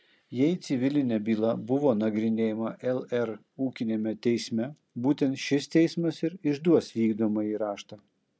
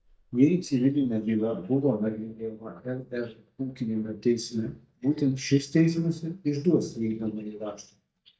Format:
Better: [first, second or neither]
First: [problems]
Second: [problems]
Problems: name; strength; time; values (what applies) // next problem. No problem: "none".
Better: first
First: none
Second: noise reduction (neural mask model DeepFilterNet 3)